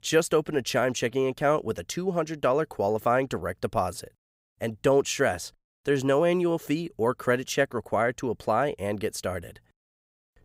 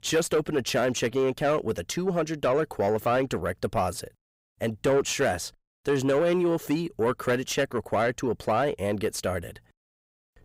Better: first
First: none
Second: distortion; slight; 10 dB below the speech

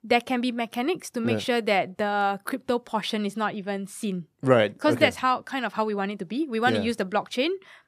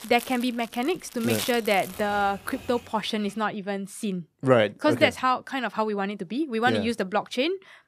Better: first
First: none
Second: household noises; noticeable; until 3 s; 15 dB below the speech

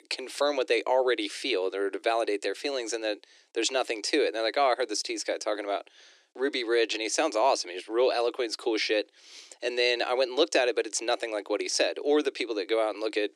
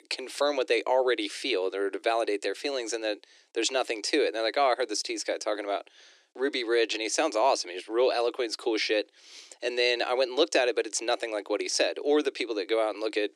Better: neither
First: thin; somewhat; fading below 300 Hz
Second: thin; somewhat; fading below 300 Hz

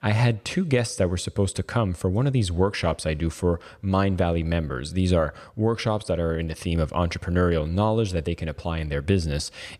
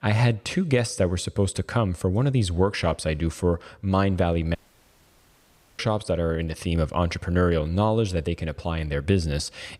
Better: first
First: none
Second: audio cutting out; at 4.5 s for 1 s

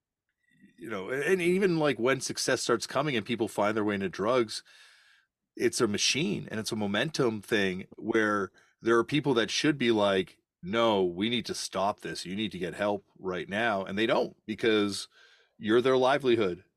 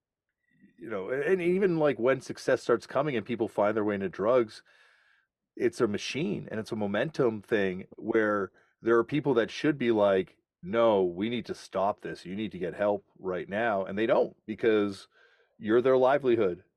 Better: first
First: none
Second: muffled; slightly; fading above 3 kHz

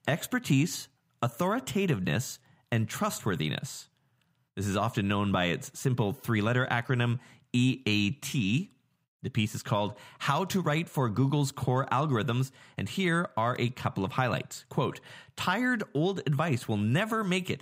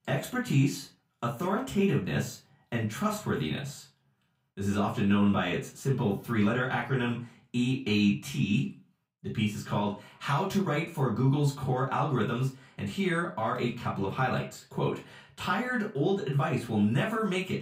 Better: first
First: none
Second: off-mic speech; far // room echo; very slight; dies away in 0.3 s

